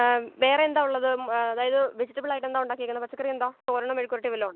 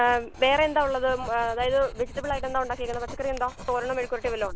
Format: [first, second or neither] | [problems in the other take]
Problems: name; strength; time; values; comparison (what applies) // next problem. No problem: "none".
first | background sound (Writing); 12 dB below the speech